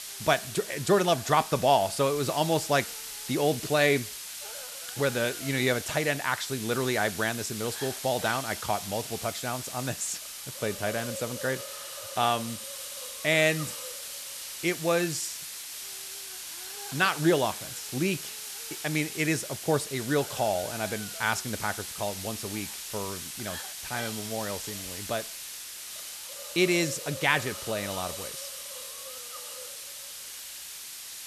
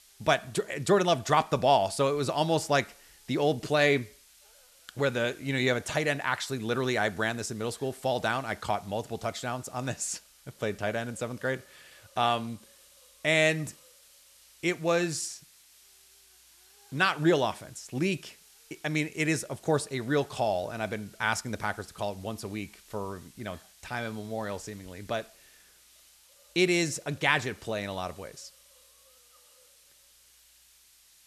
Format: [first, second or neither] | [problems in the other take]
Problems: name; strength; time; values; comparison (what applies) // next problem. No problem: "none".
second | hiss; loud; throughout; 8 dB below the speech; faint in the second